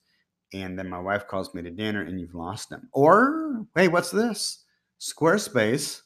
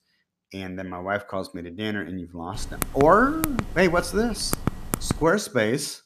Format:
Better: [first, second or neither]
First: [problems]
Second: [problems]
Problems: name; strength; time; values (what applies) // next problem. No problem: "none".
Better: first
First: none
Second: keyboard typing; noticeable; from 2.5 to 5 s; peak 5 dB below the speech